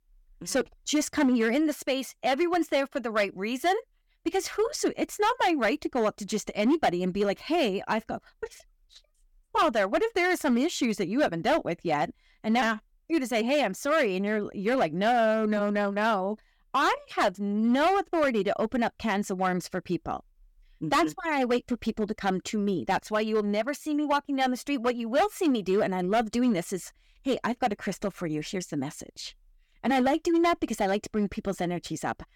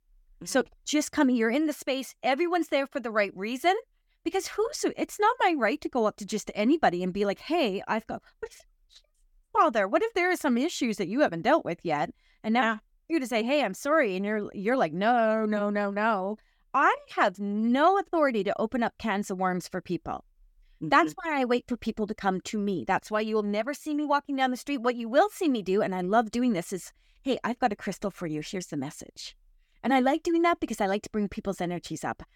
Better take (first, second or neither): second